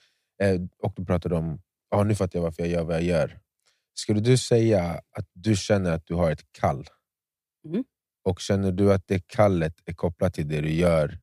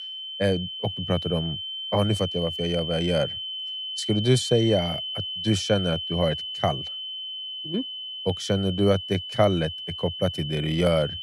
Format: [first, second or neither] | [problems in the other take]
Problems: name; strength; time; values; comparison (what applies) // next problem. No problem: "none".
first | high-pitched whine; loud; throughout; 3 kHz, 5 dB below the speech